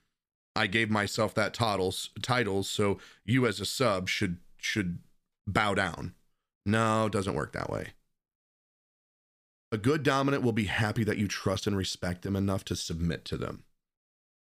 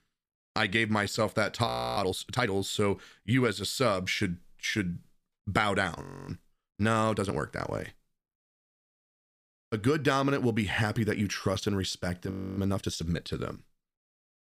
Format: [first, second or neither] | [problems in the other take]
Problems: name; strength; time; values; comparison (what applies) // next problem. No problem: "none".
first | audio freezing; at 1.5 s, at 6 s and at 12 s